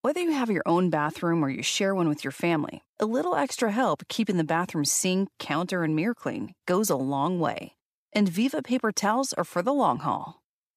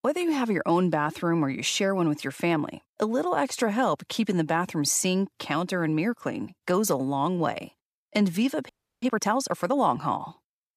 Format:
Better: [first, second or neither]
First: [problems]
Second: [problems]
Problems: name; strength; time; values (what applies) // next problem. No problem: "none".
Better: first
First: none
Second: audio freezing; at 8.5 s